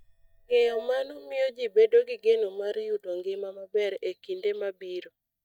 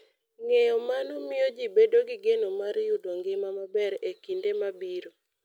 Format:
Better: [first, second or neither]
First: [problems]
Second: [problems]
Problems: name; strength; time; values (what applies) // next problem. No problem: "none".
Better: second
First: noise reduction (neural mask model DeepFilterNet 3)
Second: none